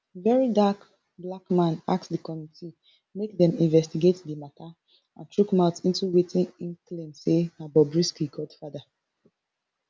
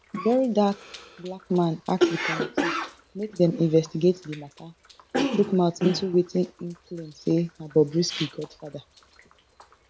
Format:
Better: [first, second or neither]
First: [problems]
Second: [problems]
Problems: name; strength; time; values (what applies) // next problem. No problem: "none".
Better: first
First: none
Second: background sound (Cough); 7 dB below the speech